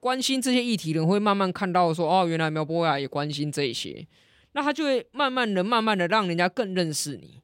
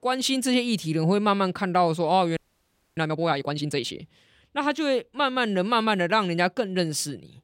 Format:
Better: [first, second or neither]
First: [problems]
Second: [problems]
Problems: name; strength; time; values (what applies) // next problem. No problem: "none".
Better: first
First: none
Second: audio freezing; at 2.5 s for 0.5 s